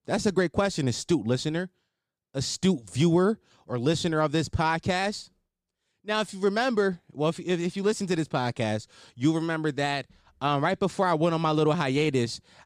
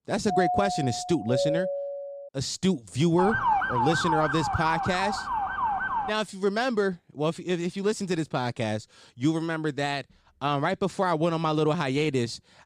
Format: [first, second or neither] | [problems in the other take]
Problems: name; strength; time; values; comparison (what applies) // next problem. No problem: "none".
first | doorbell; loud; until 2.5 s; peak 1 dB above the speech // siren; loud; from 3 to 6 s; peak 3 dB above the speech